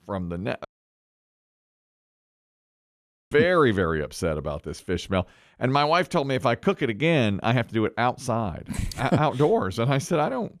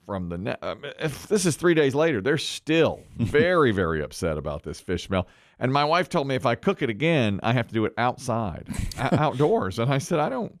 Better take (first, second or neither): second